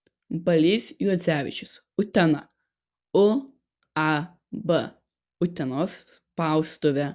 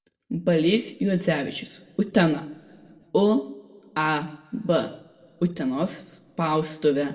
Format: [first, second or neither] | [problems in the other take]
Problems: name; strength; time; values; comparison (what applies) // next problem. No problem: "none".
first | room echo; dies away in 1.3 s